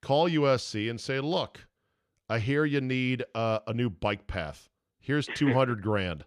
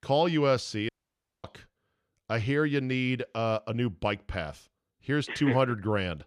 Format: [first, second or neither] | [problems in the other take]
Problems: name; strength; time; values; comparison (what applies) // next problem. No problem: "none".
first | audio cutting out; at 1 s for 0.5 s